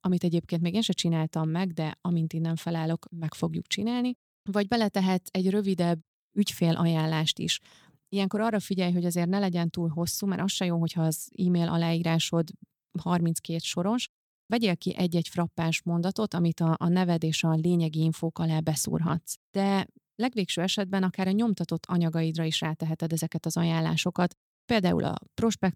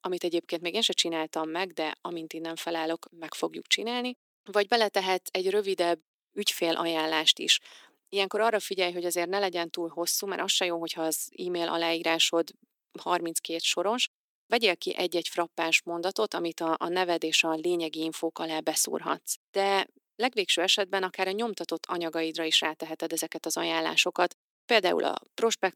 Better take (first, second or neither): first